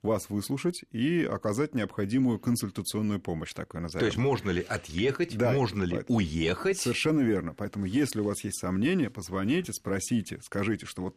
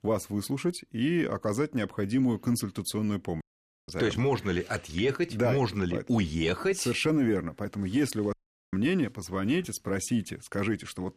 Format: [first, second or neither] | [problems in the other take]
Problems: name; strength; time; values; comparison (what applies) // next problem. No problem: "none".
first | audio cutting out; at 3.5 s and at 8.5 s